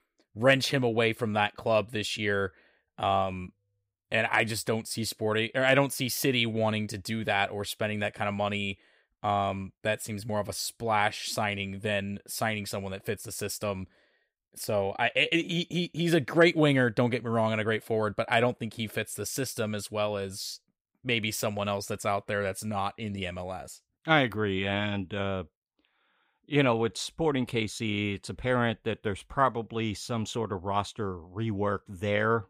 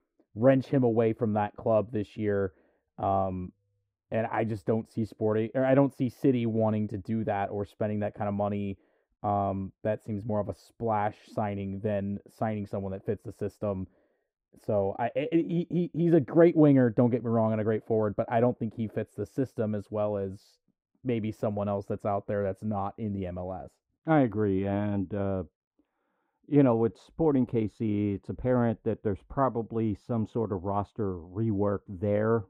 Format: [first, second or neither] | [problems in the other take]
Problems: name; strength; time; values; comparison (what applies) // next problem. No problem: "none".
first | muffled; very; fading above 1.5 kHz